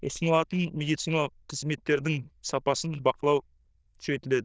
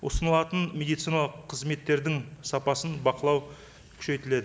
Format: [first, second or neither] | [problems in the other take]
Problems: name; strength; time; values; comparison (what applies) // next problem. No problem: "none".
second | noise reduction (neural diffusion model UNIVERSE++)